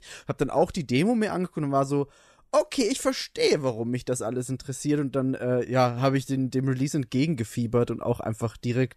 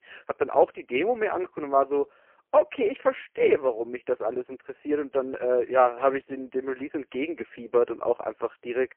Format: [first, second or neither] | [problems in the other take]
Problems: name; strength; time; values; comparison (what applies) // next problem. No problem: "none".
first | phone-call audio; poor line; nothing above 3 kHz